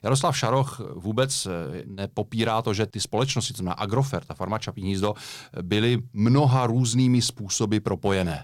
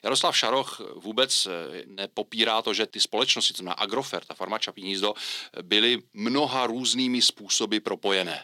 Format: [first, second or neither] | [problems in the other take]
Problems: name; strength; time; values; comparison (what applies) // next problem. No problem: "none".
first | thin; somewhat; fading below 250 Hz